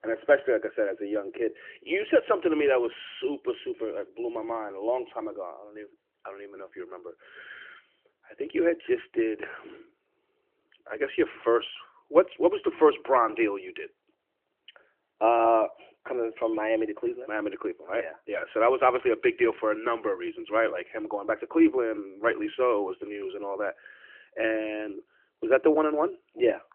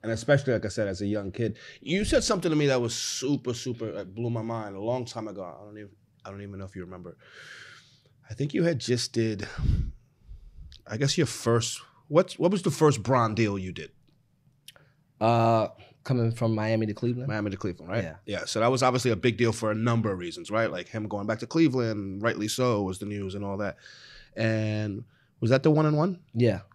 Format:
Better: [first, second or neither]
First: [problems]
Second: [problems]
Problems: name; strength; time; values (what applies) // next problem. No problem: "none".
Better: second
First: phone-call audio; nothing above 3 kHz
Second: none